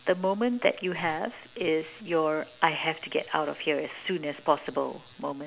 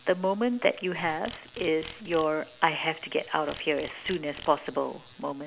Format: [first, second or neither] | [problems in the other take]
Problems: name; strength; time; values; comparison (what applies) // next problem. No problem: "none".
first | background sound (Insect); 19 dB below the speech